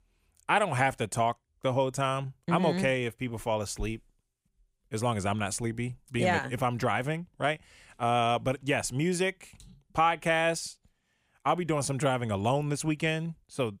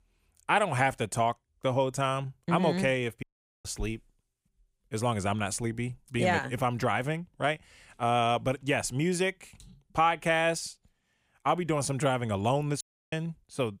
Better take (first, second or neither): first